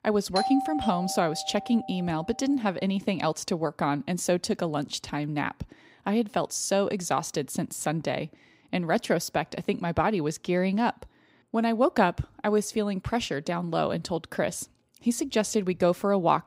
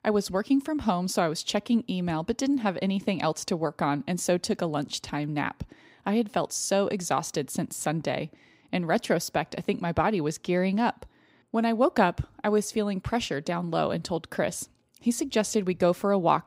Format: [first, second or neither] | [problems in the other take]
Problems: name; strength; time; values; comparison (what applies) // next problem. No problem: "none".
second | doorbell; noticeable; until 2 s; peak 1 dB below the speech